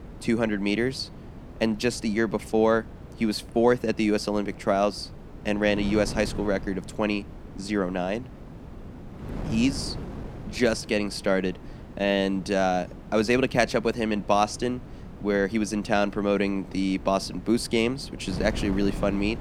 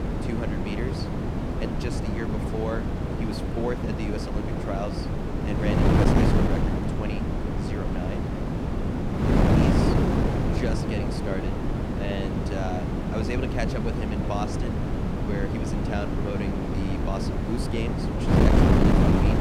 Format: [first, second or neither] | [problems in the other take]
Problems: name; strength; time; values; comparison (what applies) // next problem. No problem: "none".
first | wind noise on the microphone; heavy; 4 dB above the speech; occasional gusts in the first